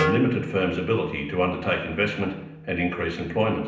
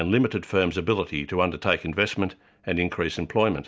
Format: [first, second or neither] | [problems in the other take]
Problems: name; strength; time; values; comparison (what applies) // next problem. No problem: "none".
second | background sound (Wind instrument, woodwind instrument); 9 dB below the speech // room echo; dies away in 0.8 s